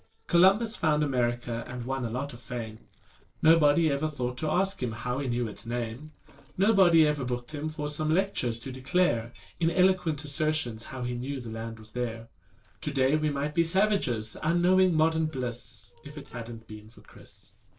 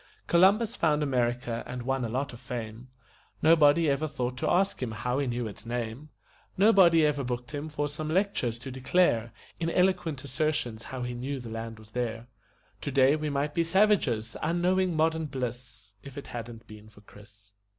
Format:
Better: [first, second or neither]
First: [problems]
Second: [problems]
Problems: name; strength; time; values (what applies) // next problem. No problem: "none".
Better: second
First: noise reduction (neural separator model SepFormer DNS4)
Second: none